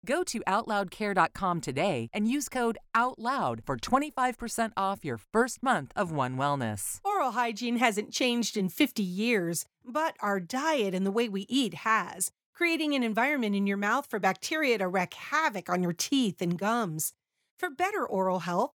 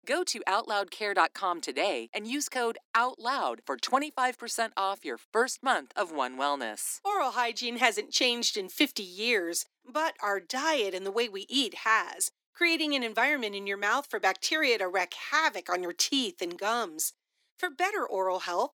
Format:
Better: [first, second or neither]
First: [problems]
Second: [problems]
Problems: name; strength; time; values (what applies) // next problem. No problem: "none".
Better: first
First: none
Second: thin; somewhat; fading below 300 Hz